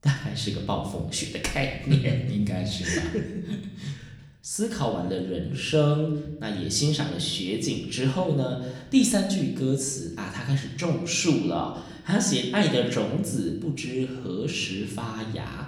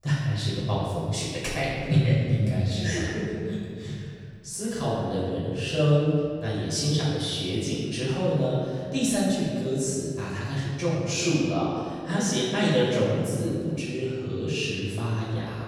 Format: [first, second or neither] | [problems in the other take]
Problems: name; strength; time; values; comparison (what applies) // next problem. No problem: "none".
first | room echo; strong; dies away in 1.9 s; slight in the first // off-mic speech; far; somewhat distant in the first